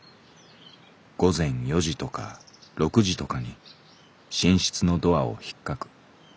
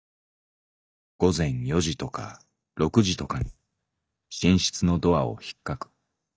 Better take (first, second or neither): first